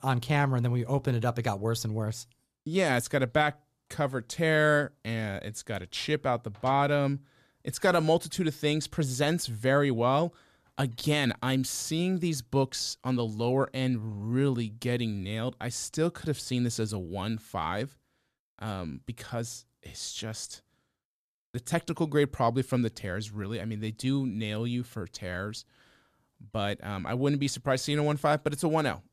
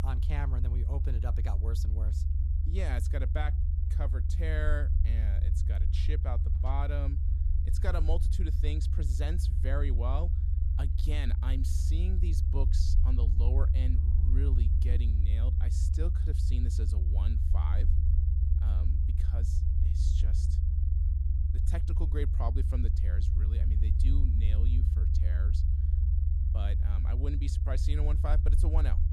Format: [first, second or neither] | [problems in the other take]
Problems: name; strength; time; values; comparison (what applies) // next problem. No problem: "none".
first | low rumble; loud; throughout; 4 dB below the speech